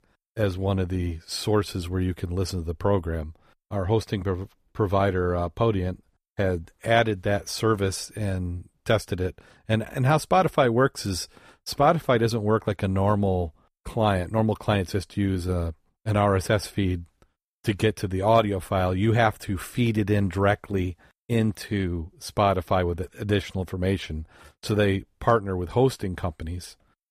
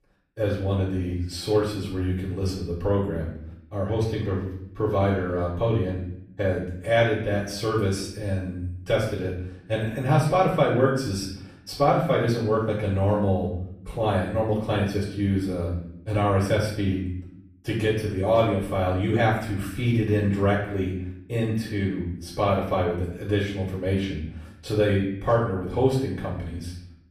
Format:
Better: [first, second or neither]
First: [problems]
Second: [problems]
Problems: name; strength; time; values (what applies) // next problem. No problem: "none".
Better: first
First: none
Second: off-mic speech; far // room echo; noticeable; dies away in 0.7 s